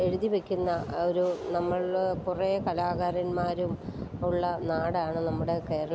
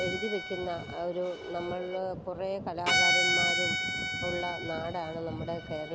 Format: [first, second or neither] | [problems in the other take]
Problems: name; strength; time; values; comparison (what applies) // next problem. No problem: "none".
first | background sound (Bowed string instrument); 2 dB above the speech